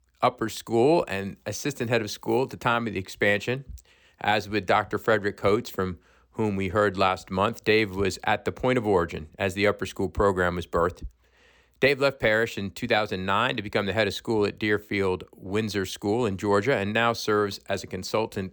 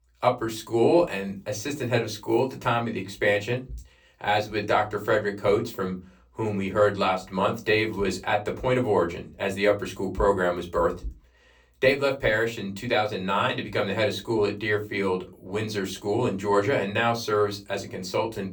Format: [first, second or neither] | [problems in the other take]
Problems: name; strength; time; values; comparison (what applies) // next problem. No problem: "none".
first | off-mic speech; far // room echo; very slight; dies away in 0.2 s